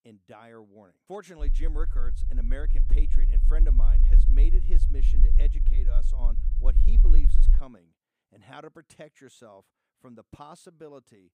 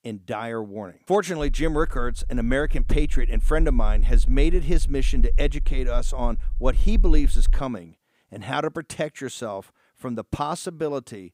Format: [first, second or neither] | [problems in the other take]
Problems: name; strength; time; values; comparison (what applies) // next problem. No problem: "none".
second | low rumble; loud; from 1.5 to 7.5 s; 5 dB below the speech; faint in the second